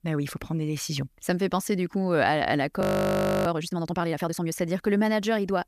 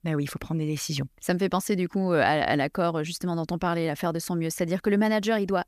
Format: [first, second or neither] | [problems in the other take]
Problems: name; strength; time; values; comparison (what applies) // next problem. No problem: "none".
second | audio freezing; at 3 s for 0.5 s